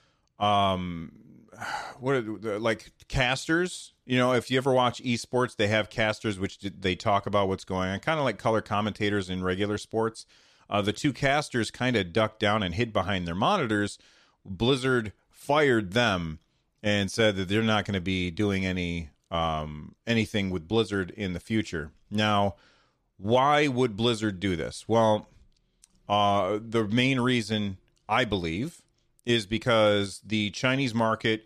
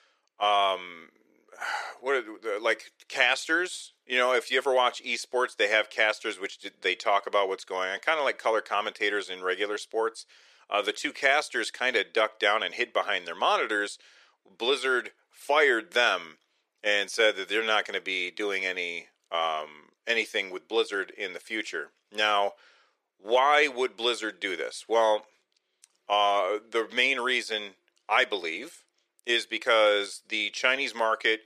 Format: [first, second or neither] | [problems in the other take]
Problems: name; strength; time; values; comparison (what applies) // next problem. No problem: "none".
first | thin; very; fading below 400 Hz